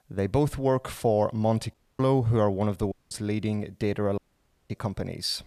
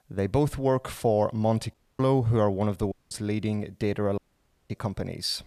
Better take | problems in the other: neither | audio cutting out; at 1.5 s, at 3 s and at 4 s for 0.5 s; the same in both

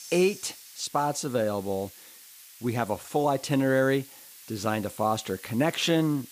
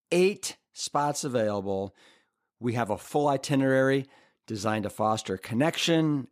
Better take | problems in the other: second | hiss; noticeable; throughout; 20 dB below the speech

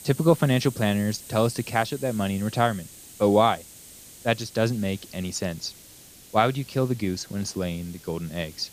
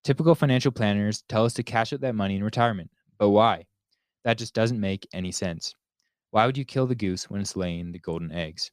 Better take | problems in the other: second | hiss; noticeable; throughout; 20 dB below the speech

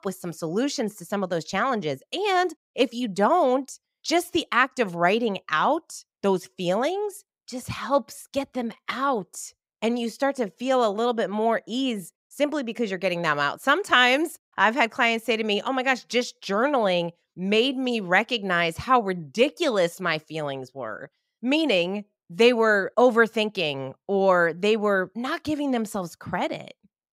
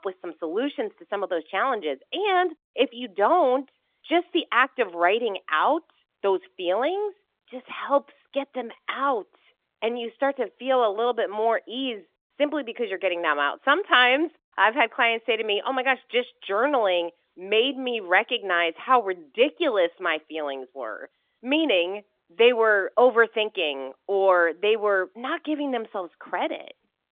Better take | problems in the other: first | phone-call audio; nothing above 3.5 kHz

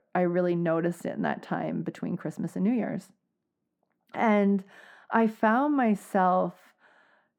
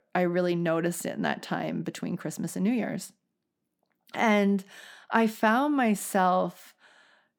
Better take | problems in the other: second | muffled; slightly; fading above 2.5 kHz

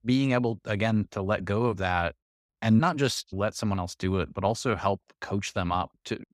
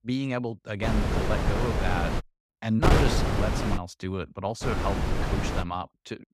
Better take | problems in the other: first | wind noise on the microphone; heavy; from 1 to 2 s, at 3 s and from 4.5 to 5.5 s; 2 dB above the speech

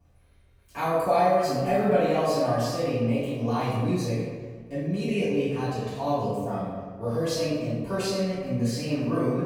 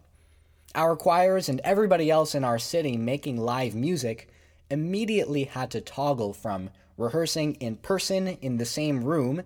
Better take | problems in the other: second | room echo; strong; dies away in 1.4 s // off-mic speech; far

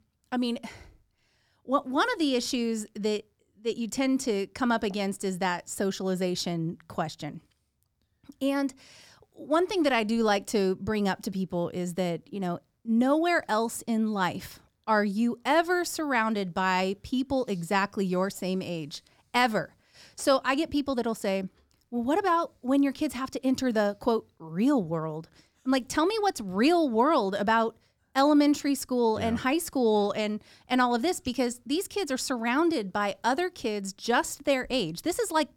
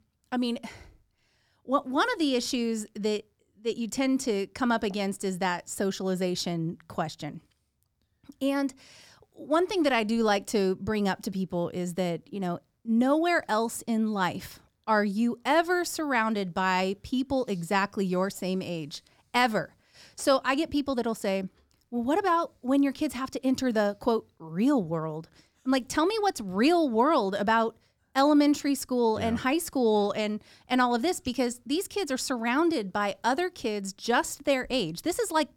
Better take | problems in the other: neither | none

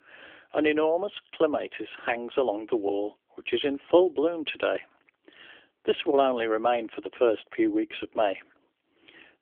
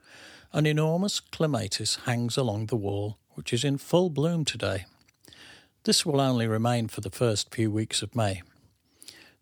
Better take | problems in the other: second | phone-call audio; nothing above 3.5 kHz

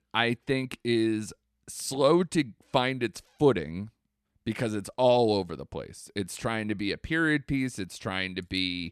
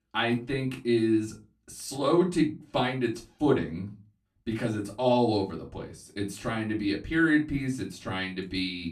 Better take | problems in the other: first | off-mic speech; far // room echo; very slight; dies away in 0.2 s

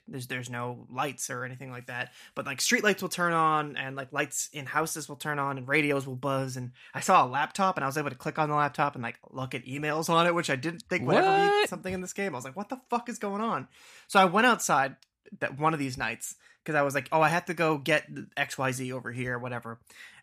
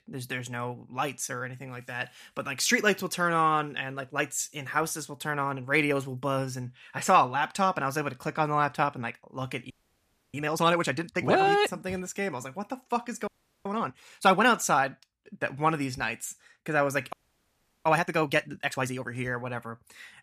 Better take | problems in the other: first | audio freezing; at 9.5 s for 0.5 s, at 13 s and at 17 s for 0.5 s

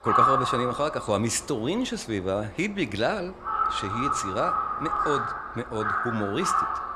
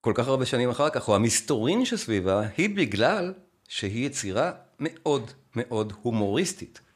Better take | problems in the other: second | animal sounds; very loud; throughout; 2 dB above the speech

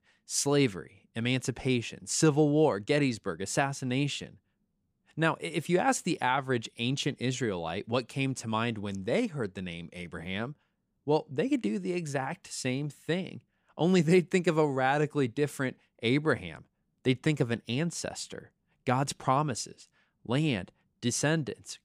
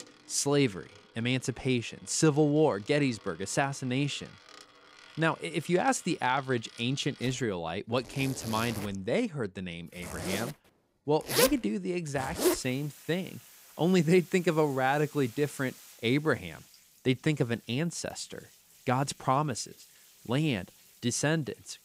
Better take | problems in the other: first | household noises; loud; throughout; 6 dB below the speech

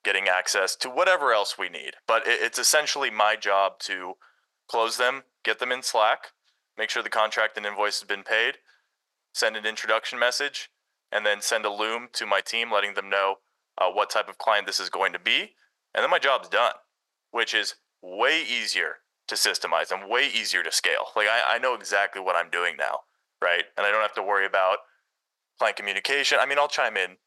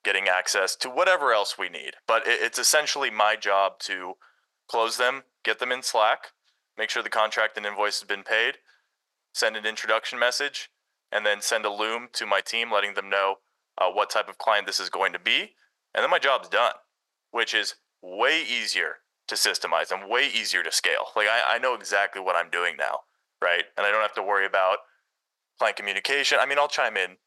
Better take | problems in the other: neither | thin; very; fading below 550 Hz; the same in both

